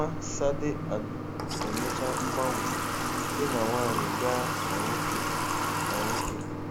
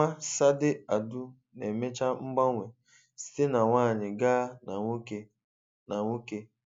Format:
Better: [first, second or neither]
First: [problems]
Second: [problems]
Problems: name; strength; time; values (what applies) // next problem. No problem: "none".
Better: second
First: background sound (Water tap, faucet / Water); 4 dB above the speech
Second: none